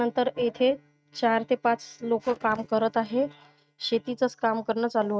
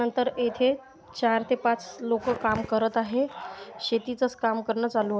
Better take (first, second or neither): second